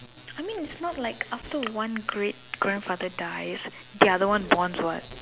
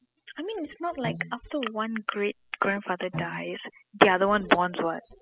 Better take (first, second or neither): first